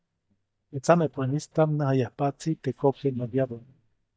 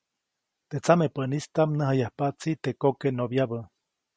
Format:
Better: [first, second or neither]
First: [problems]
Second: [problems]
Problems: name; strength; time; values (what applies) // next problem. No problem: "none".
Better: second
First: noise reduction (neural mask model DeepFilterNet 3)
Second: none